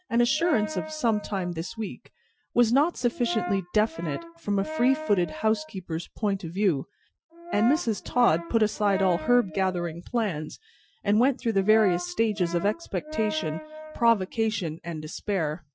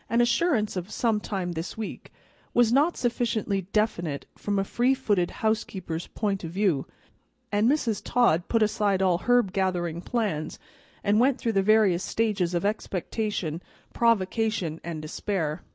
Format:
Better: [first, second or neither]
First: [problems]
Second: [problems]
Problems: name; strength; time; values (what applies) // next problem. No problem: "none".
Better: second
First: noise reduction (classical method Wiener filter)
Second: none